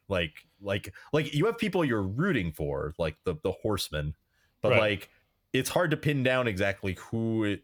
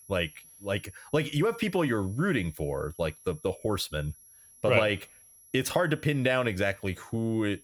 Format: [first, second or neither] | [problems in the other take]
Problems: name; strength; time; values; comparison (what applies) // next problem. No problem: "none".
first | high-pitched whine; faint; throughout; 11 kHz, 25 dB below the speech